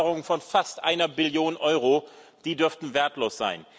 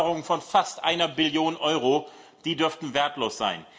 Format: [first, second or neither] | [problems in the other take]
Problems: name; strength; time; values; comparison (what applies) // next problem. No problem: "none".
first | room echo; dies away in 0.5 s